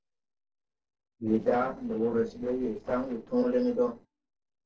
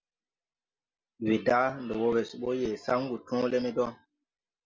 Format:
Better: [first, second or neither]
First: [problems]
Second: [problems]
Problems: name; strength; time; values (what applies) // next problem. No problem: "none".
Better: second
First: noise reduction (neural separator model SepFormer DNS4)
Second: none